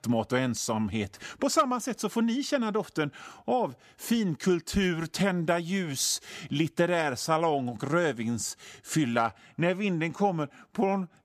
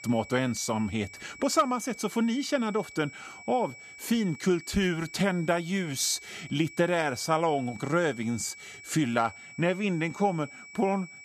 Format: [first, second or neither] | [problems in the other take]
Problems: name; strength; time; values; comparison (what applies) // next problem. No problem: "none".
first | high-pitched whine; noticeable; throughout; 2.5 kHz, 15 dB below the speech